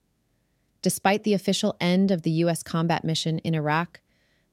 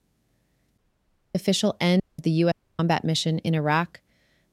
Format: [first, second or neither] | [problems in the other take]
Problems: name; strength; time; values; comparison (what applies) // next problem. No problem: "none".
first | audio cutting out; at 1 s for 0.5 s, at 2 s and at 2.5 s